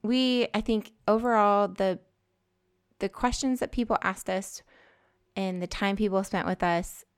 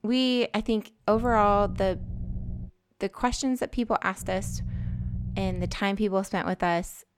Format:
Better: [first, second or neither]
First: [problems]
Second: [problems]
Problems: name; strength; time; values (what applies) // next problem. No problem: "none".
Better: first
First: none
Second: low rumble; faint; from 1 to 2.5 s and from 4 to 5.5 s; 20 dB below the speech